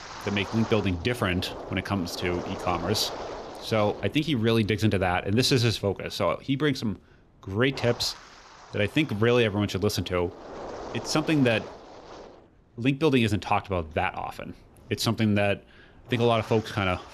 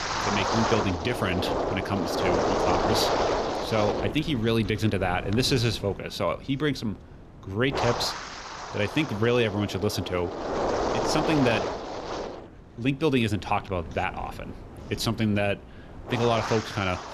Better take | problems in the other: first | wind noise on the microphone; heavy; as loud as the speech; occasional gusts in the first

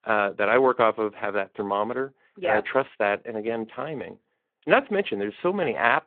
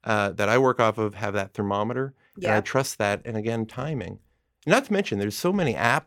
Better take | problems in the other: second | phone-call audio

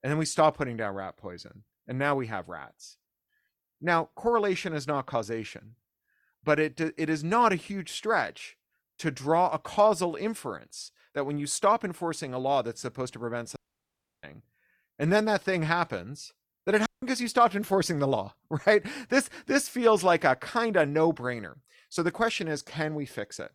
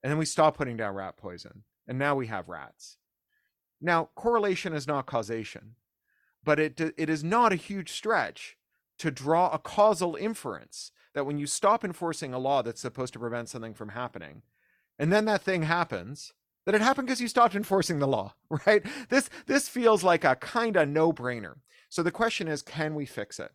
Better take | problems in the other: second | audio cutting out; at 14 s for 0.5 s and at 17 s

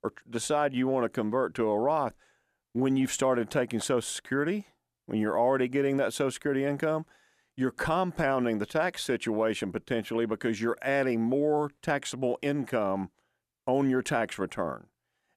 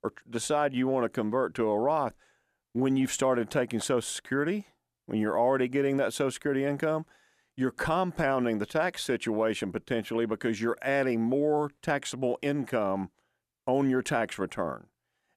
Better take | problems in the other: neither | none

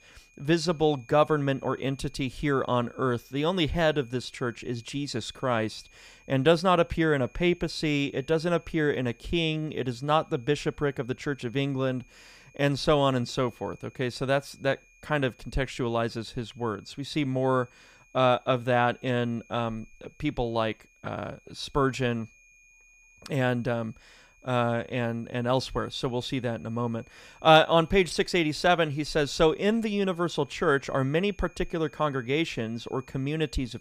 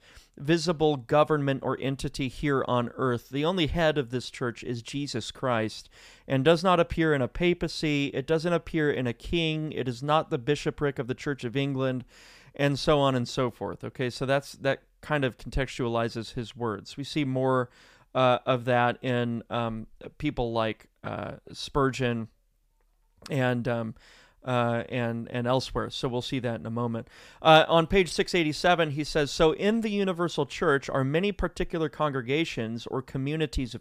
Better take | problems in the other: second | high-pitched whine; faint; throughout; 2.5 kHz, 30 dB below the speech

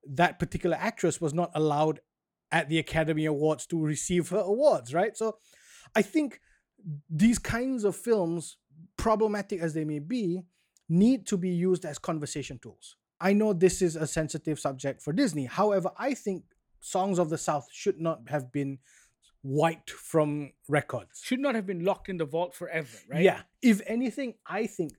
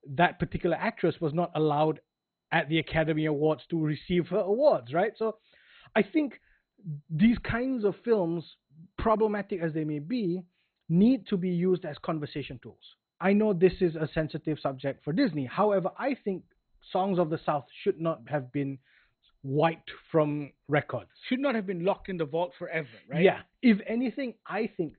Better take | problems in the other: first | garbled, watery; badly; nothing above 4 kHz

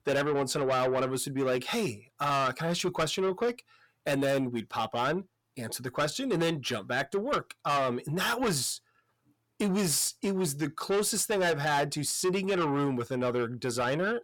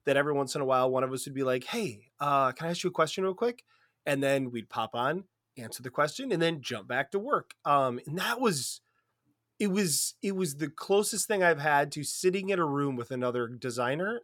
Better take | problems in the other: second | distortion; heavy; 8 dB below the speech

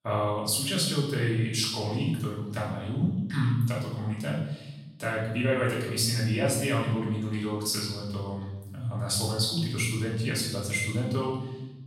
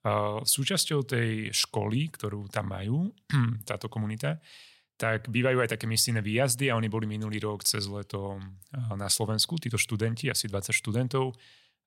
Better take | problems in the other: second | off-mic speech; far // room echo; noticeable; dies away in 0.9 s

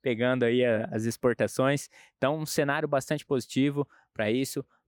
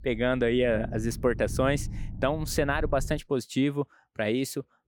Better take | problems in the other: first | low rumble; faint; until 3 s; 20 dB below the speech

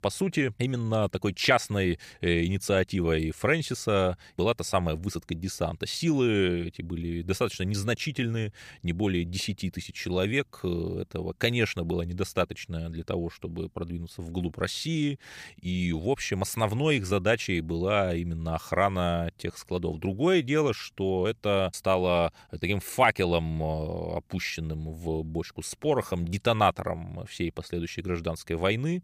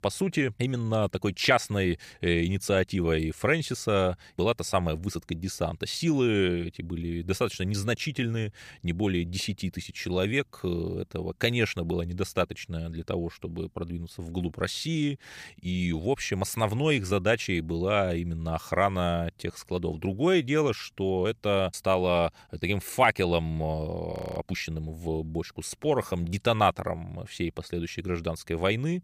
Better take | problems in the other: first | audio freezing; at 24 s

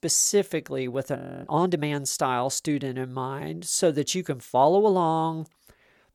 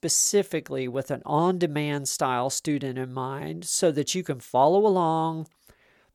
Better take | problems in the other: second | audio freezing; at 1 s

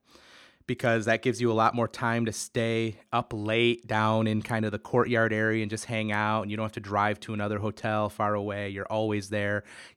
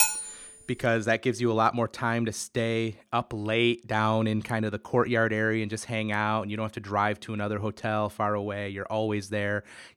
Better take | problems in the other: first | clattering dishes; loud; at the start; peak 4 dB above the speech

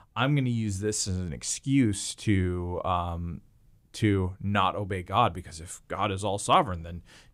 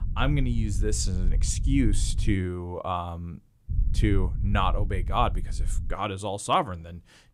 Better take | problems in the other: first | low rumble; noticeable; until 2.5 s and from 3.5 to 6 s; 20 dB below the speech

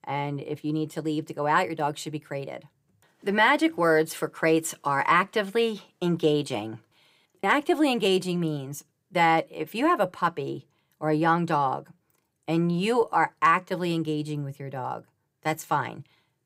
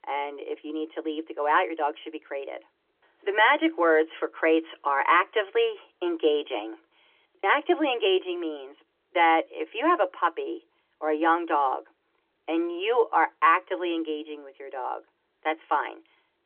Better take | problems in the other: first | phone-call audio; nothing above 3.5 kHz

